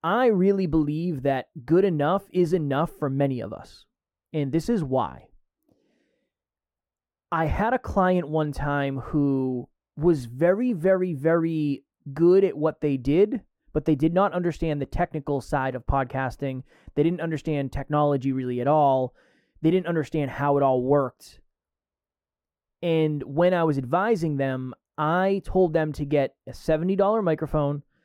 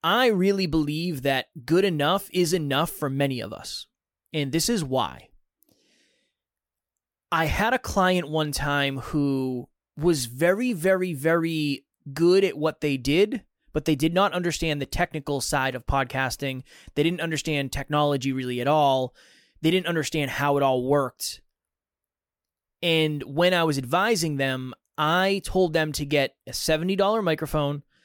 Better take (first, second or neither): second